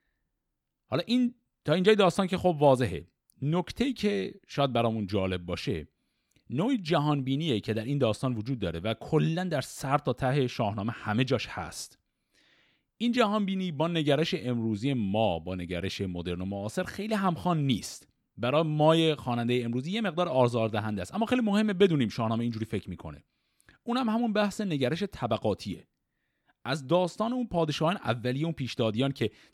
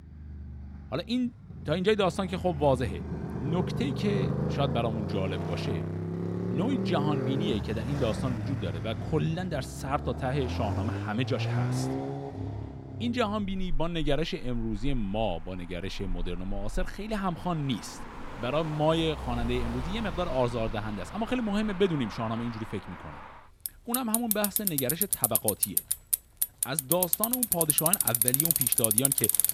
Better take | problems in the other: first | traffic noise; very loud; throughout; 2 dB above the speech

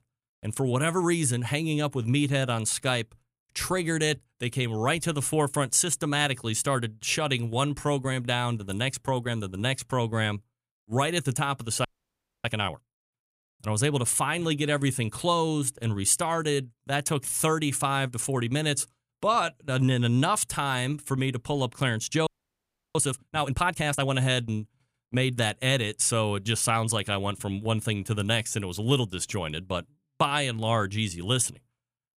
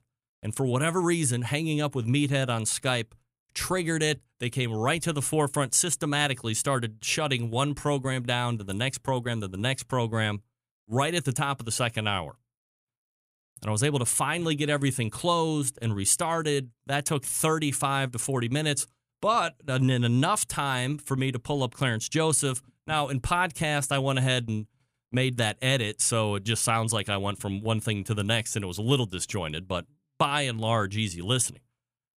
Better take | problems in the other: second | audio freezing; at 12 s for 0.5 s and at 22 s for 0.5 s

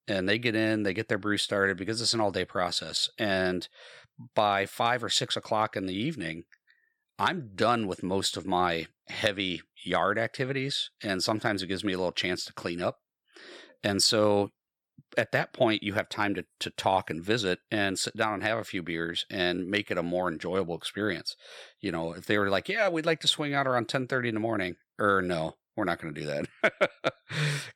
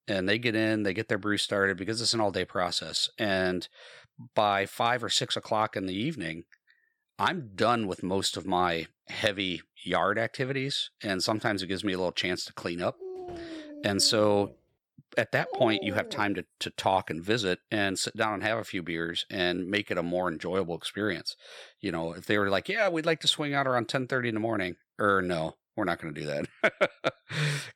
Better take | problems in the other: first | dog barking; noticeable; from 13 to 16 s; peak 8 dB below the speech

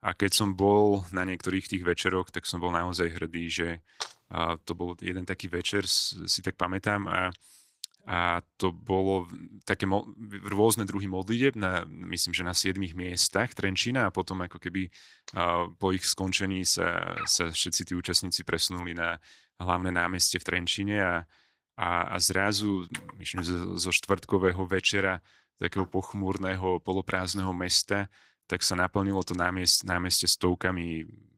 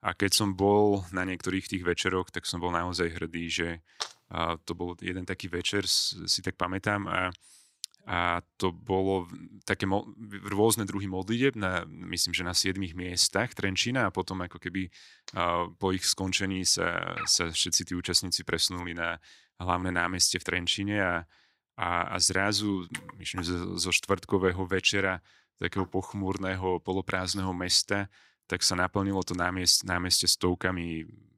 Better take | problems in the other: second | garbled, watery; slightly; nothing above 15.5 kHz

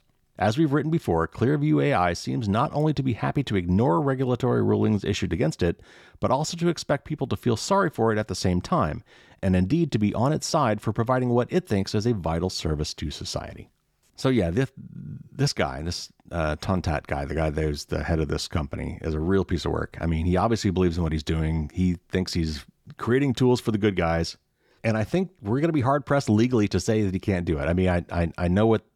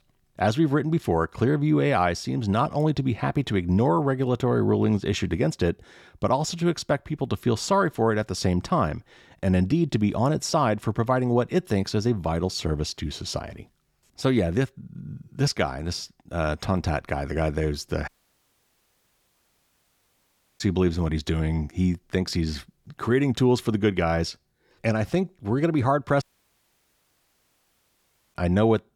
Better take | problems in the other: first | audio cutting out; at 18 s for 2.5 s and at 26 s for 2 s

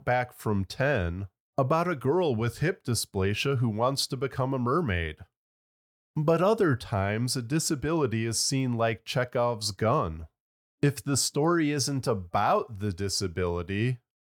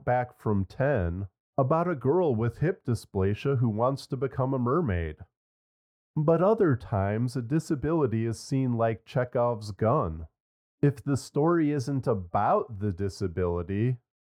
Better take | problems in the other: first | muffled; very; fading above 2 kHz

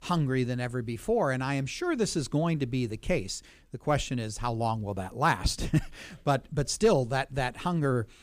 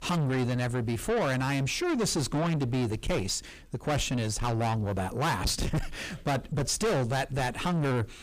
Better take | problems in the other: first | distortion; heavy; 6 dB below the speech

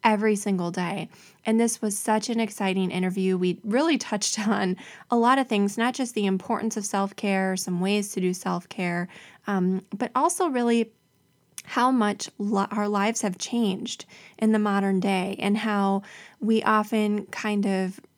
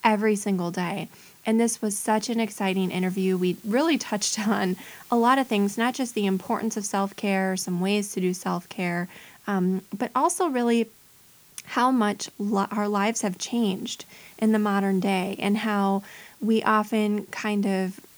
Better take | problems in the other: first | hiss; faint; throughout; 25 dB below the speech

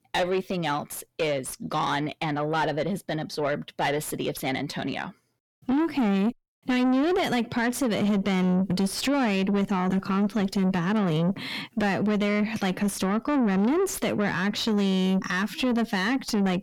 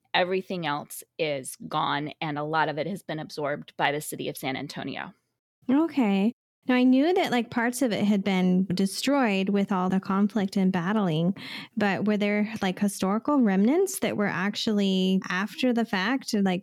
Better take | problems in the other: second | distortion; slight; 10 dB below the speech

